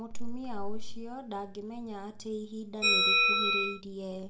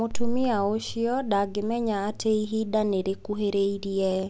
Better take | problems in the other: second | background sound (Bell); 2 dB above the speech // room echo; dies away in 0.6 s

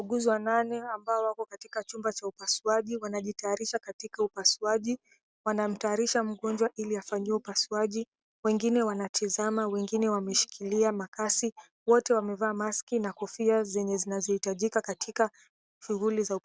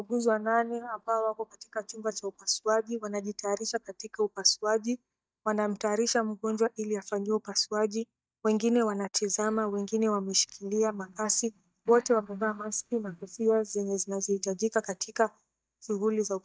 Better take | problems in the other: first | noise reduction (neural mask model DeepFilterNet 3)

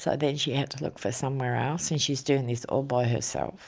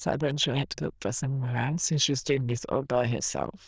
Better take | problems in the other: first | noise reduction (neural diffusion model UNIVERSE++)

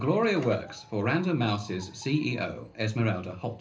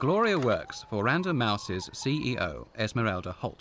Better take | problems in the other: second | room echo; dies away in 0.3 s

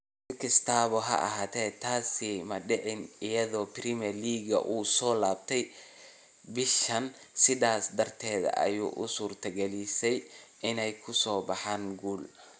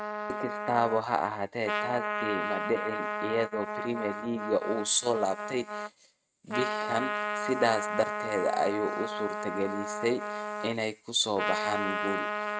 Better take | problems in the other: first | noise reduction (neural mask model RNNoise)

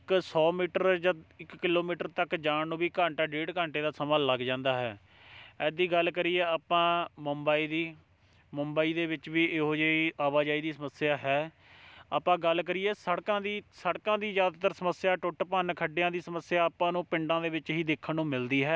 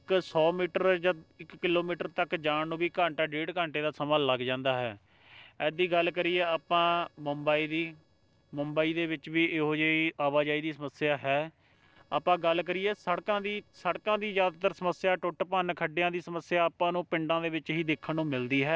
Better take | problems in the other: first | noise reduction (neural separator model SepFormer DNS4)

